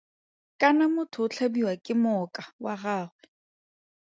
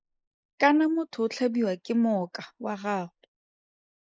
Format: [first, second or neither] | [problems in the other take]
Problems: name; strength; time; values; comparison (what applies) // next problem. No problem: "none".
first | noise reduction (neural mask model Resemble Enhance denoiser)